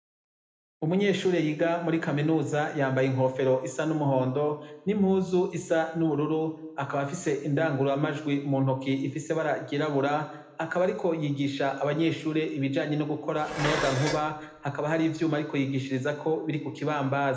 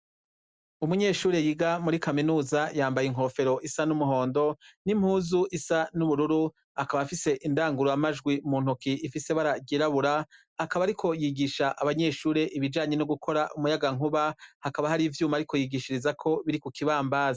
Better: second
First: background sound (Dishes, pots, and pans); 7 dB below the speech // room echo; dies away in 0.9 s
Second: none

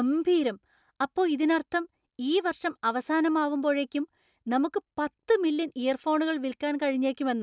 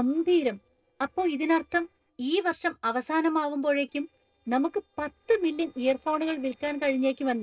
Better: first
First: none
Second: noise reduction (neural separator model SepFormer DNS4)

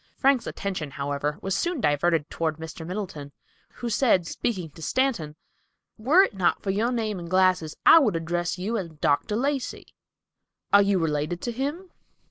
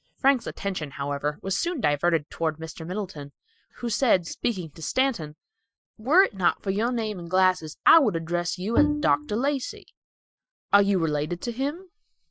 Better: first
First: none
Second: noise reduction (classical method Wiener filter)

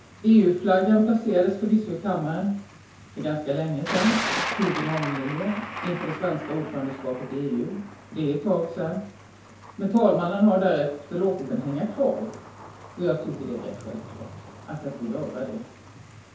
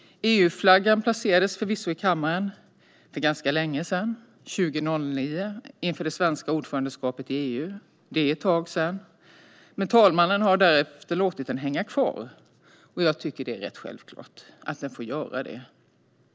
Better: second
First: background sound (Thunder); 12 dB below the speech // room echo; dies away in 0.6 s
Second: none

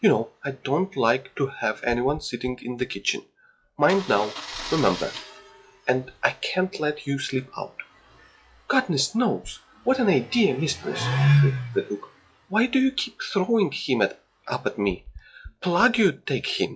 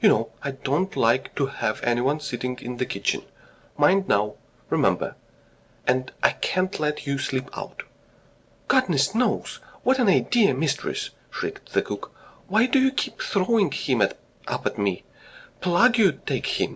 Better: second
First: noise reduction (classical method log-MMSE)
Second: none

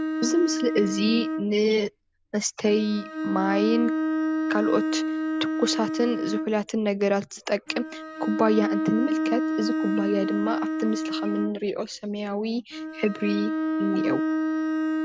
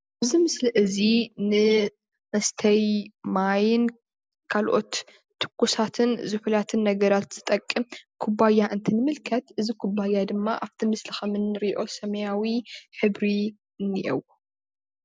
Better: second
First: background sound (Bowed string instrument); 1 dB below the speech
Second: none

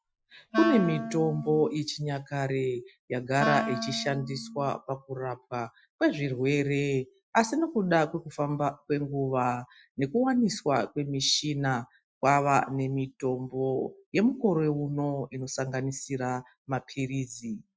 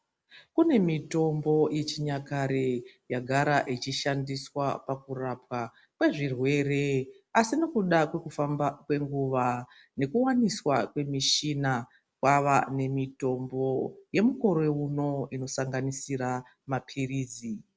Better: second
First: noise reduction (classical method Wiener filter)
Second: none

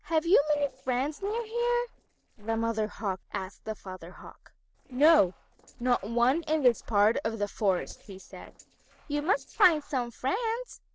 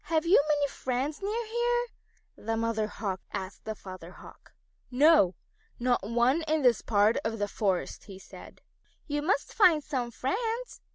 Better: second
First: noise reduction (neural separator model SepFormer DNS4)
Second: none

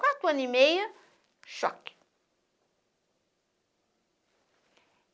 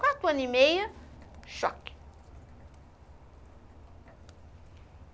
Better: first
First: none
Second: background sound (Rain); 18 dB below the speech

